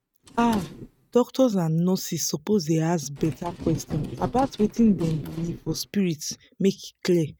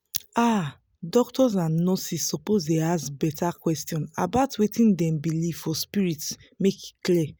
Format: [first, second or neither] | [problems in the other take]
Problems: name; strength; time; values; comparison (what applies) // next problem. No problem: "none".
second | noise reduction (neural mask model RNNoise)